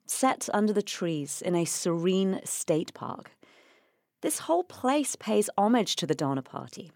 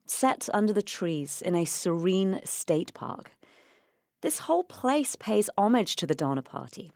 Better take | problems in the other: first | garbled, watery; slightly; nothing above 19 kHz

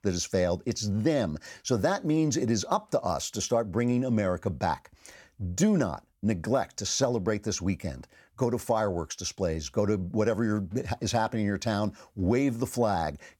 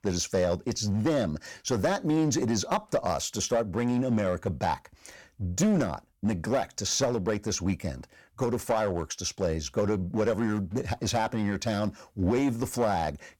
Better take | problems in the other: first | distortion; slight; 5% of the sound clipped

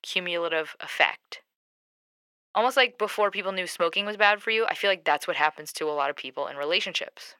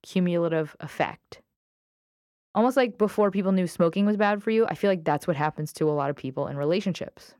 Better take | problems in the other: second | thin; very; fading below 650 Hz

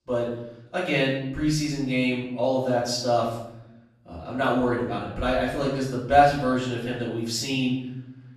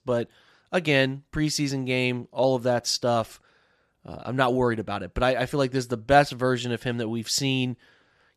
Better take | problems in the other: second | off-mic speech; far // room echo; noticeable; dies away in 0.8 s

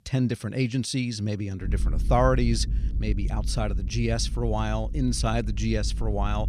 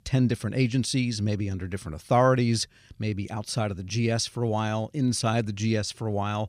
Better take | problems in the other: second | low rumble; noticeable; from 1.5 s on; 20 dB below the speech

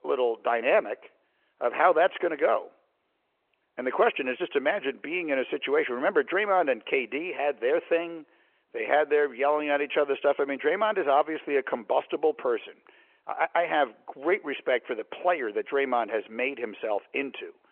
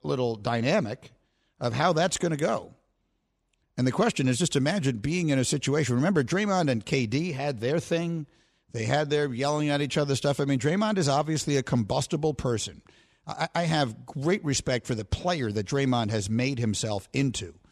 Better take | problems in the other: second | phone-call audio

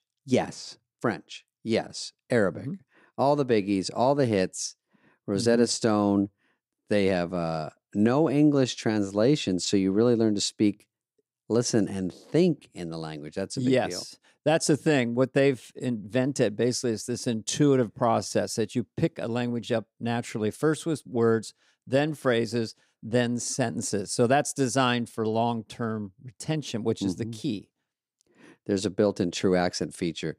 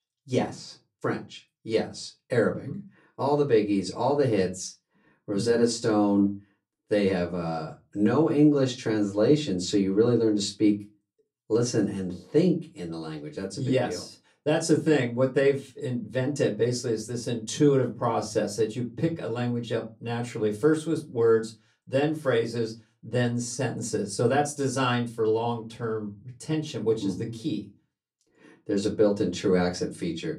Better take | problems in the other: first | off-mic speech; far // room echo; very slight; dies away in 0.2 s

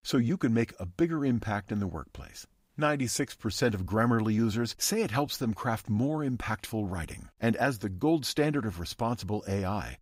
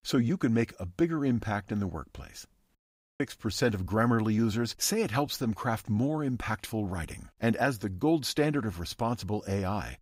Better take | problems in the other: first | audio cutting out; at 3 s

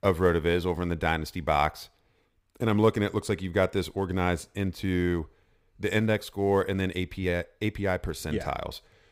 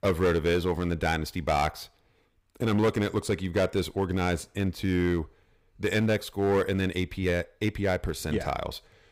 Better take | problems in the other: first | distortion; slight; 5% of the sound clipped

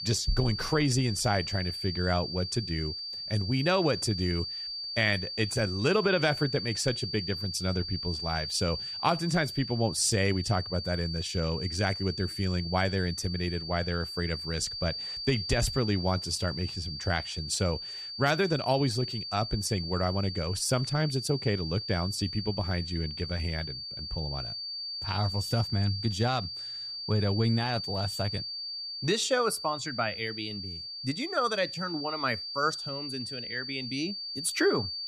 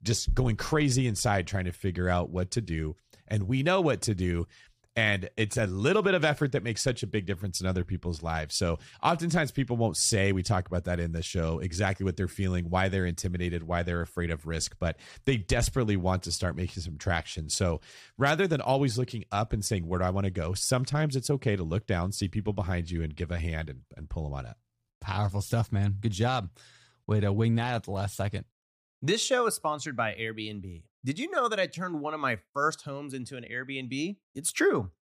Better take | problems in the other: second | high-pitched whine; loud; throughout; 4.5 kHz, 5 dB below the speech

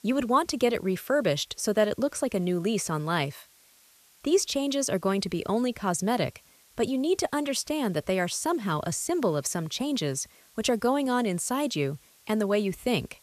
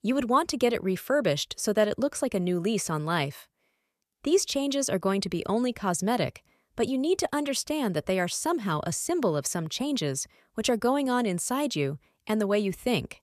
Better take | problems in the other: second | hiss; faint; throughout; 30 dB below the speech

